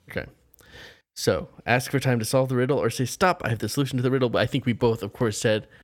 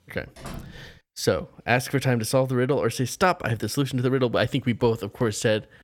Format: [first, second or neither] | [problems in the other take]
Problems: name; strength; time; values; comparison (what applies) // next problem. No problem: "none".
first | door banging; faint; at 0.5 s; peak 15 dB below the speech